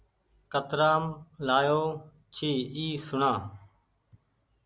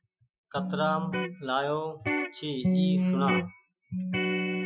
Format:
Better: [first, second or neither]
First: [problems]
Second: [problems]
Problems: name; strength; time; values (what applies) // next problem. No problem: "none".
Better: first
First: none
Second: noise reduction (classical method Wiener filter)